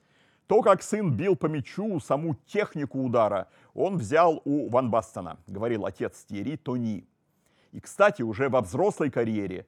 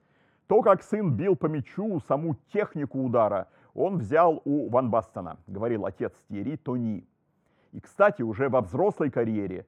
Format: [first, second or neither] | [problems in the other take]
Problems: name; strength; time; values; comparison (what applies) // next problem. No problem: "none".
first | muffled; very; fading above 3 kHz